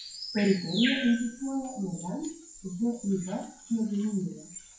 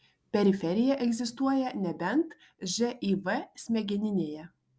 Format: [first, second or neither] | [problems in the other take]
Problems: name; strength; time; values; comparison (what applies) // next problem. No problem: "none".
second | noise reduction (classical method WPE with log-MMSE)